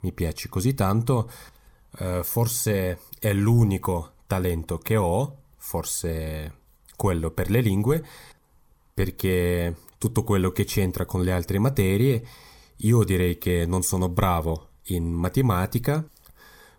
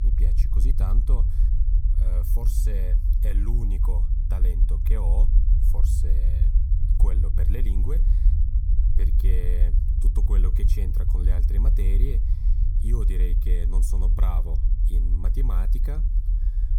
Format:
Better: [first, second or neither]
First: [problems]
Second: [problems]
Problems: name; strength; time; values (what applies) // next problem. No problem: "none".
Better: first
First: none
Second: low rumble; loud; throughout; 3 dB below the speech